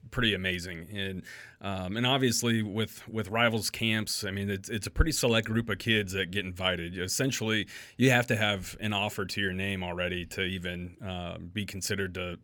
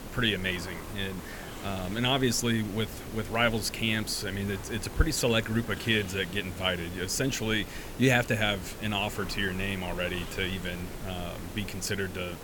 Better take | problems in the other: first | hiss; noticeable; throughout; 10 dB below the speech

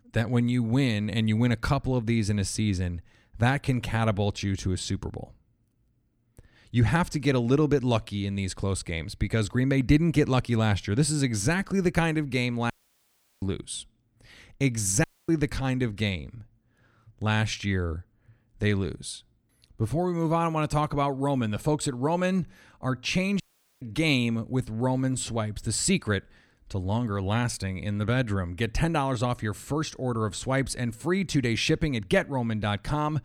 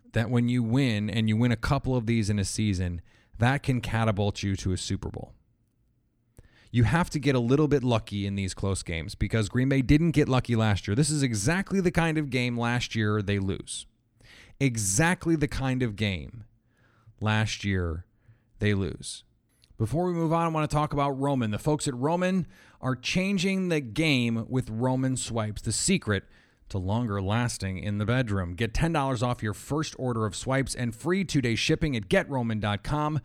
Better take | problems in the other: second | audio cutting out; at 13 s for 0.5 s, at 15 s and at 23 s

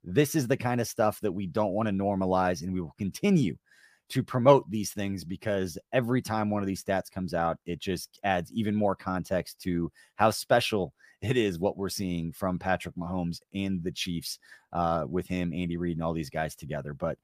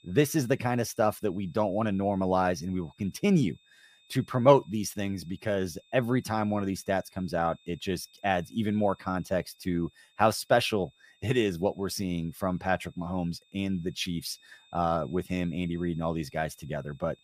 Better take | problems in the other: first | high-pitched whine; faint; throughout; 3.5 kHz, 30 dB below the speech

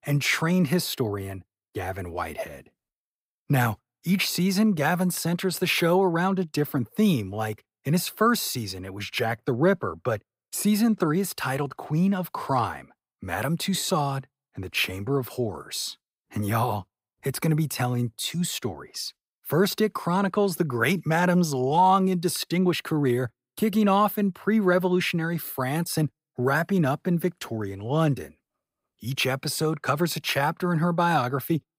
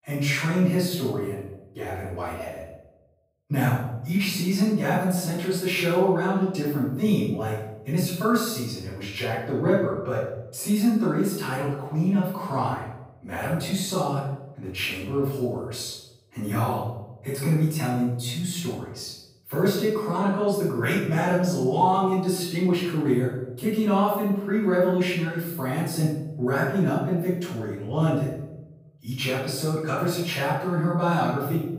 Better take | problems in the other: first | room echo; noticeable; dies away in 0.7 s // off-mic speech; far

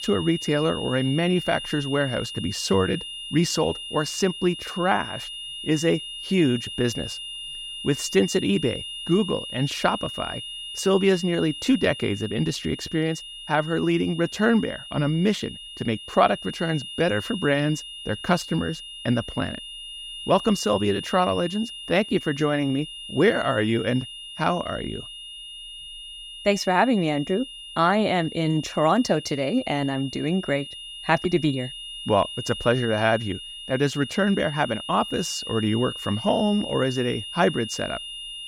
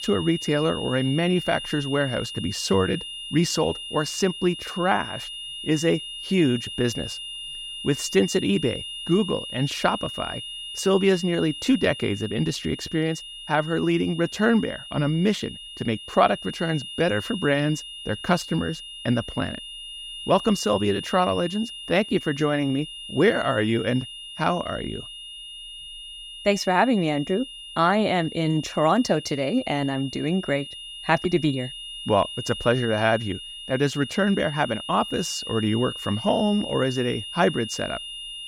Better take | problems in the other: neither | high-pitched whine; loud; throughout; 3 kHz, 10 dB below the speech; the same in both

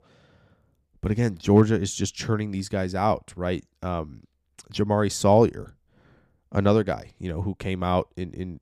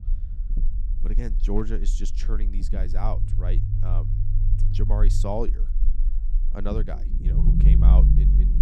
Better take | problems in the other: first | low rumble; loud; throughout; 5 dB below the speech

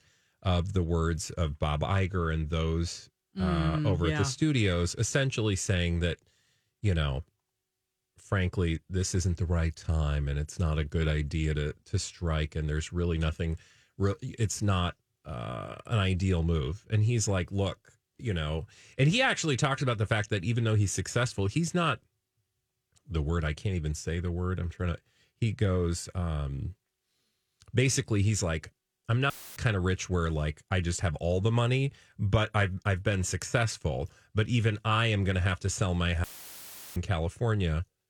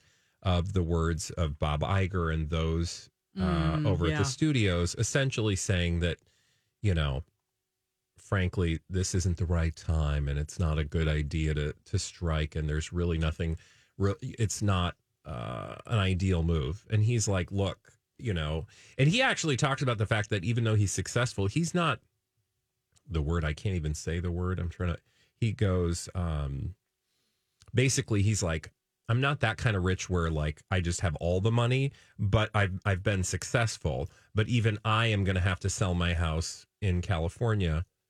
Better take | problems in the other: second | audio cutting out; filled with static; at 29 s and at 36 s for 0.5 s

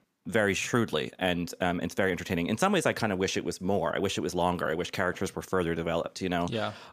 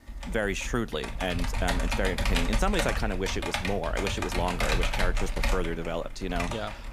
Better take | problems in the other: first | keyboard typing; loud; peak 4 dB above the speech

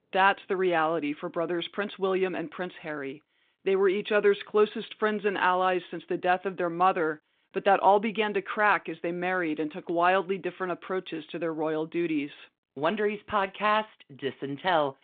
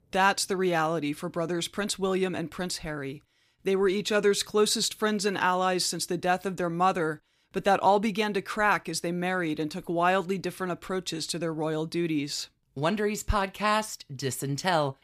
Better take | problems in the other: second | phone-call audio; nothing above 3.5 kHz

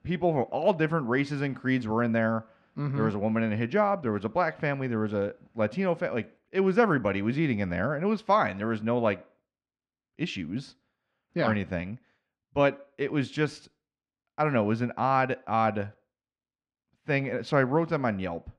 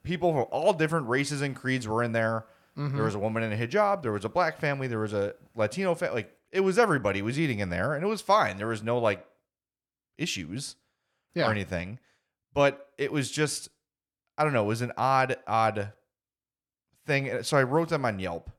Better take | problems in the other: second | muffled; slightly; fading above 3 kHz

